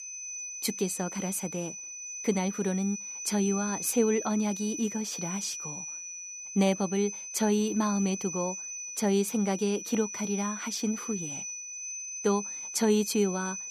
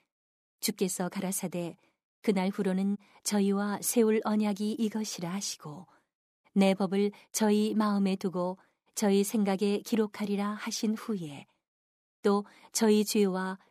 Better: second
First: high-pitched whine; loud; throughout; 6 kHz, 6 dB below the speech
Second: none

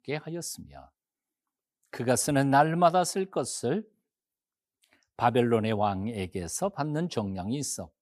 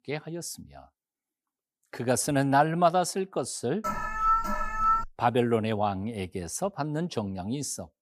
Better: first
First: none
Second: alarm; loud; from 4 to 5 s; peak 3 dB above the speech

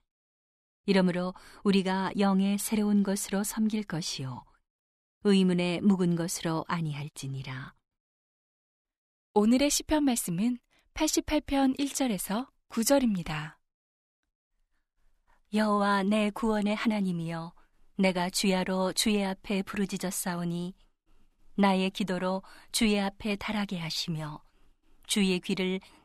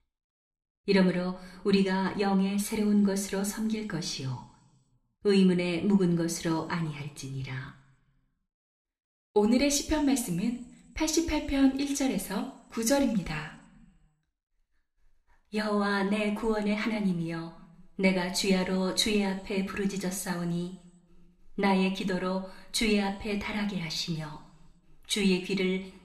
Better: first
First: none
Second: room echo; very slight; dies away in 0.6 s

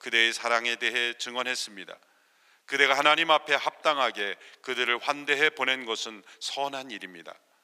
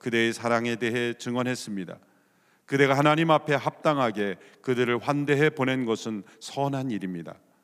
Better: second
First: thin; very; fading below 550 Hz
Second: none

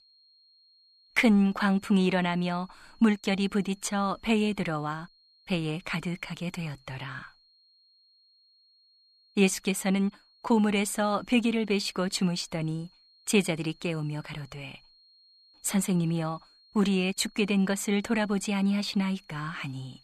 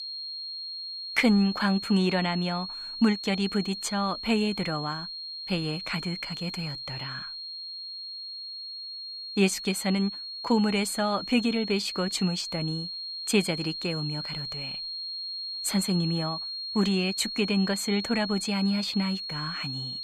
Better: first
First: high-pitched whine; faint; throughout; 4.5 kHz, 30 dB below the speech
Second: high-pitched whine; loud; throughout; 4.5 kHz, 6 dB below the speech

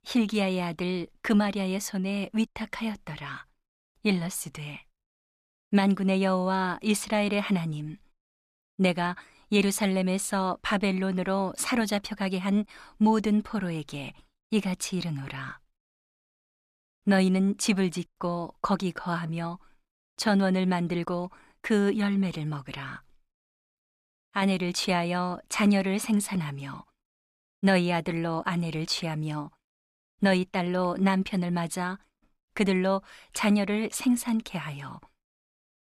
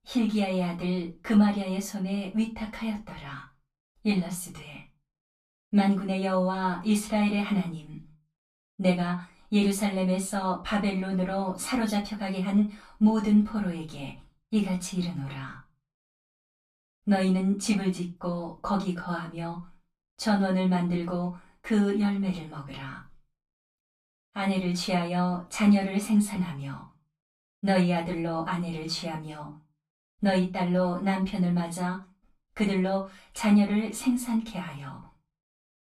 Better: first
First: none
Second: off-mic speech; far // room echo; very slight; dies away in 0.2 s

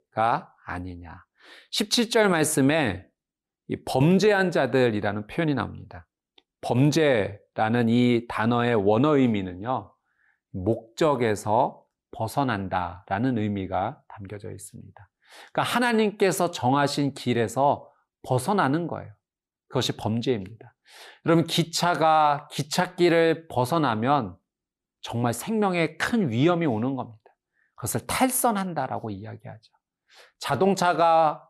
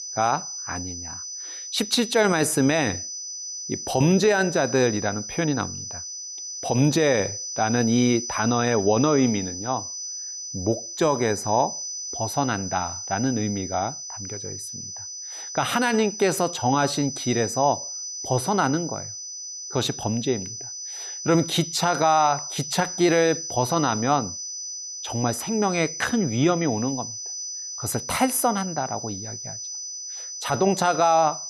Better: first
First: none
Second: high-pitched whine; loud; throughout; 6 kHz, 8 dB below the speech

